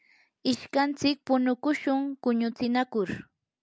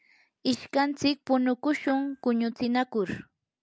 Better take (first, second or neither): first